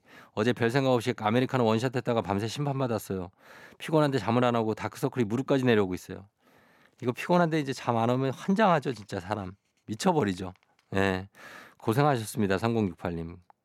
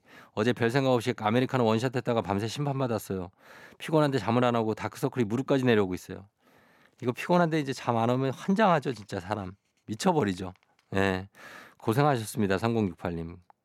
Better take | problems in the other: neither | none

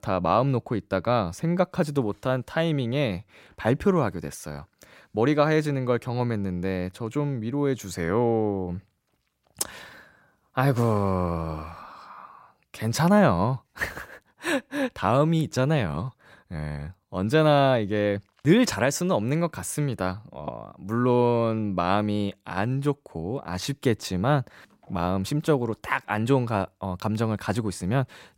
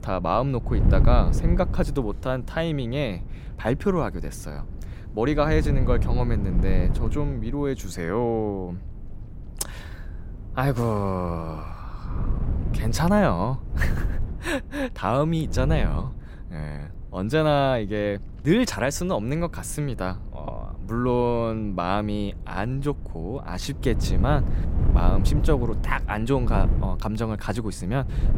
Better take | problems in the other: first | wind noise on the microphone; occasional gusts; 15 dB below the speech

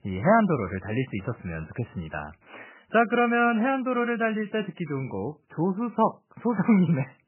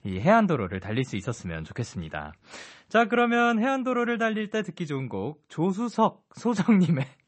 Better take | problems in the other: second | garbled, watery; badly; nothing above 3 kHz; slightly in the second

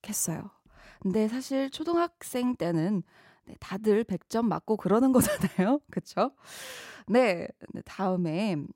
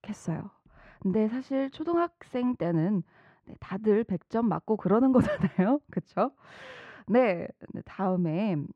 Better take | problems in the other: first | muffled; very; fading above 2.5 kHz

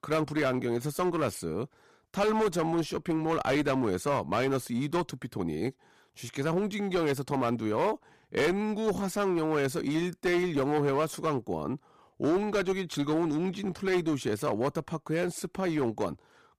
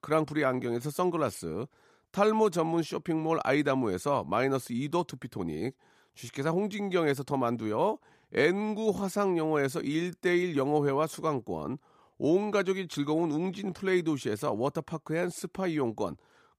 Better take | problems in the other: second | distortion; slight; 11% of the sound clipped

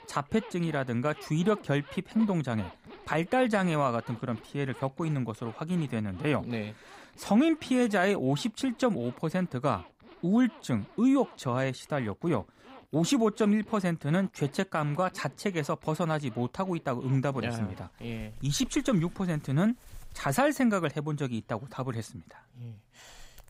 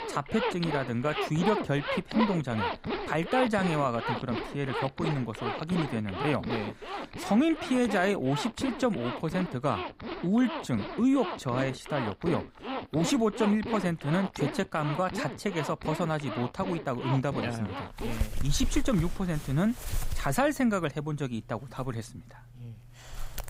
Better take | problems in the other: first | household noises; loud; throughout; 6 dB below the speech; faint in the first

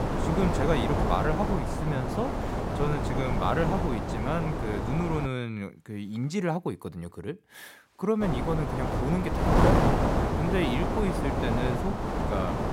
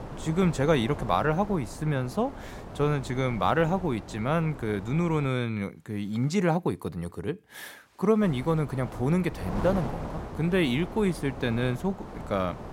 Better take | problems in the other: second | wind noise on the microphone; heavy; until 5.5 s and from 8 s on; 2 dB above the speech; occasional gusts in the second

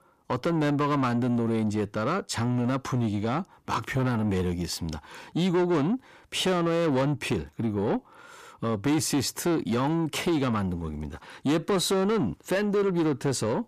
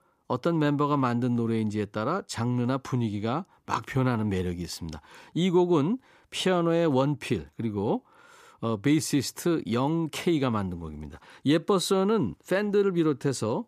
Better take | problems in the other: second | distortion; slight; 10 dB below the speech

